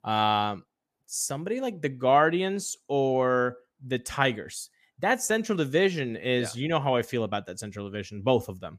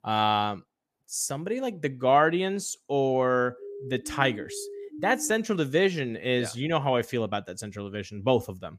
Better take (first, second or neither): first